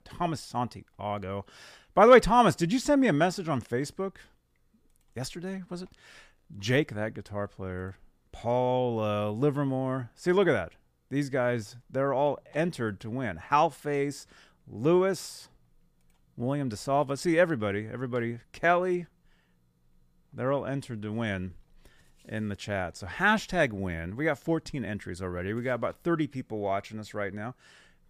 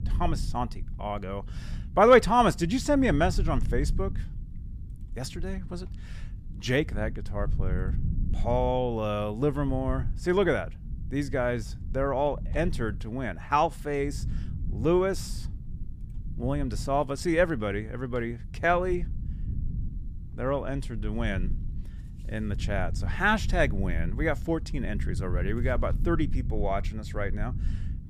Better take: first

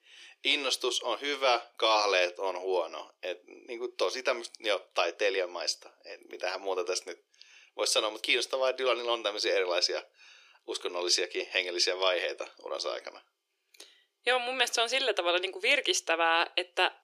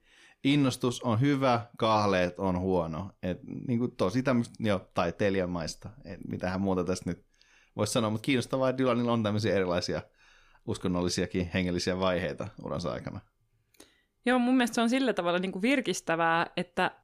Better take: second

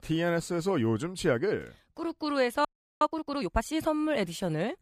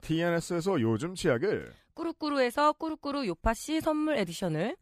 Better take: second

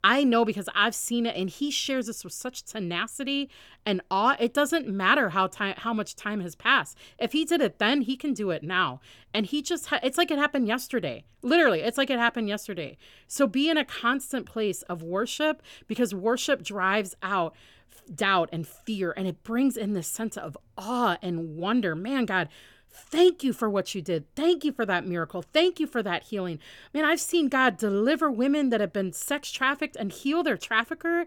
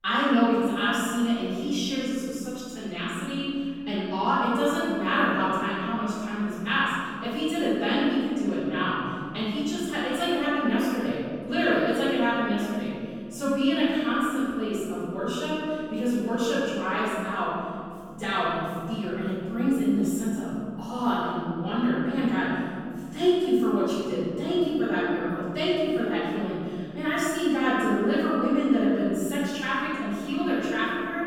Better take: first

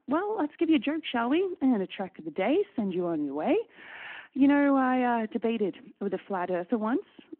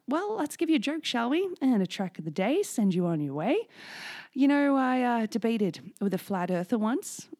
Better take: second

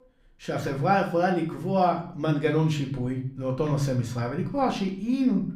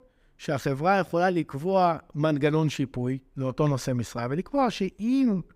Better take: second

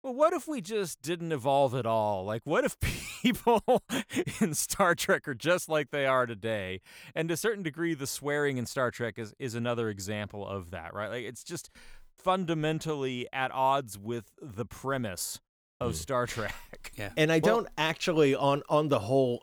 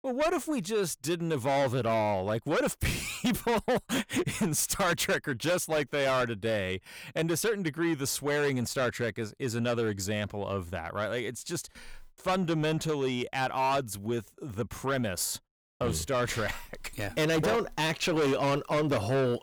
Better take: first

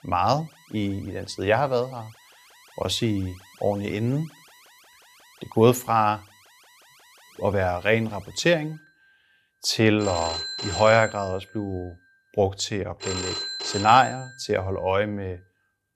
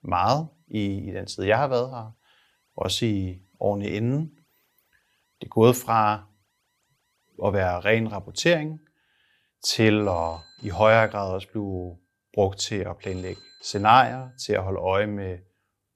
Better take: second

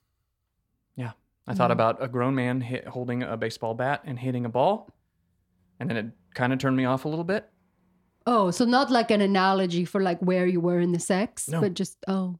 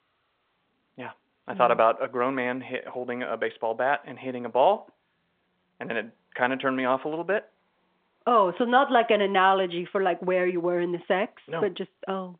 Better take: first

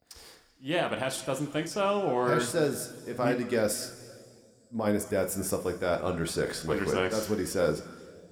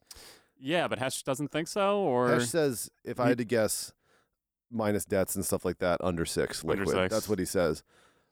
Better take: second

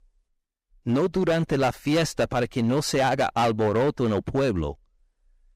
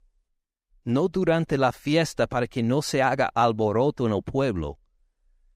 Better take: second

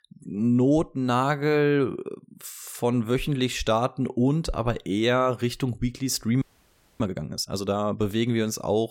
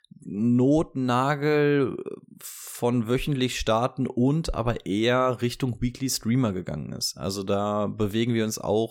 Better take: second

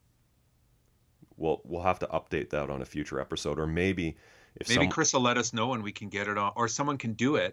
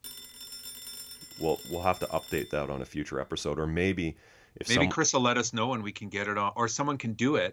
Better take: first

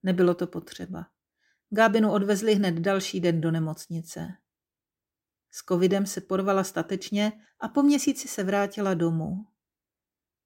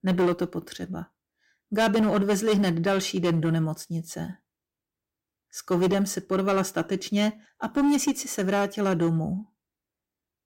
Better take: first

